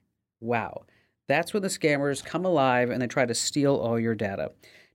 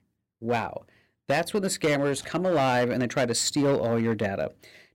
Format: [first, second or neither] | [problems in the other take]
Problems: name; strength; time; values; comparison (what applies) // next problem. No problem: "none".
first | distortion; slight; 6% of the sound clipped